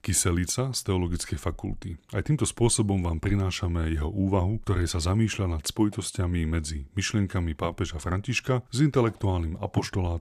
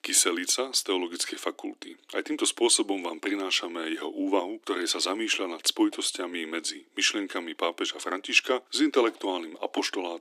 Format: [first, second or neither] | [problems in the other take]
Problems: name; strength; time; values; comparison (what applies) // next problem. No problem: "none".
first | thin; somewhat; fading below 300 Hz